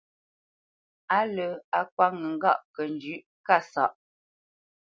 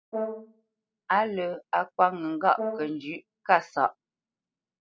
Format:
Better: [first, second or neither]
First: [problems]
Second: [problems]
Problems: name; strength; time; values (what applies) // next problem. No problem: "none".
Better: first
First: none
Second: background sound (Brass instrument); 11 dB below the speech